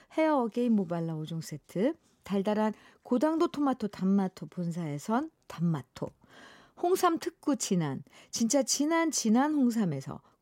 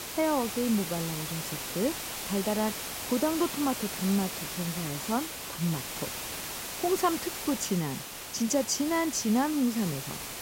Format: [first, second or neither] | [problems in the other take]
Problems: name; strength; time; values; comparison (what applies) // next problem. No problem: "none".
first | hiss; loud; throughout; 5 dB below the speech